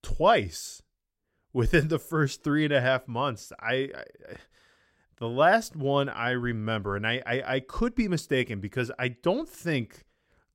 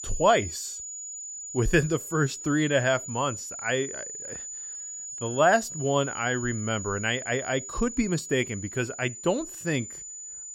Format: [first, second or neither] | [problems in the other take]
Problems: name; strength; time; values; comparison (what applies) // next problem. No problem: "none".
first | high-pitched whine; loud; throughout; 7 kHz, 9 dB below the speech